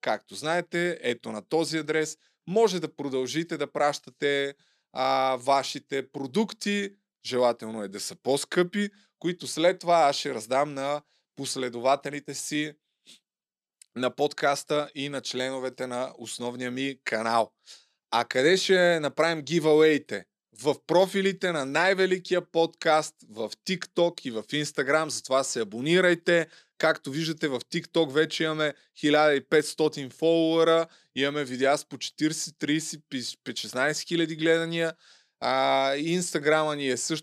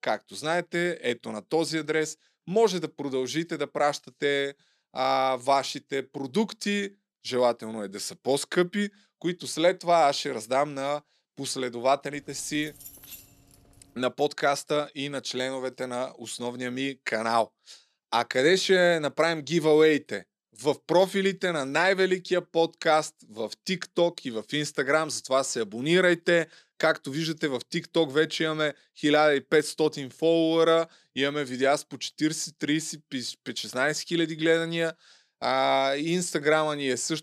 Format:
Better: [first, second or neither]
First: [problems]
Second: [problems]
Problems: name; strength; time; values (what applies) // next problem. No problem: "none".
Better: first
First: none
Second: jangling keys; faint; from 12 to 14 s; peak 15 dB below the speech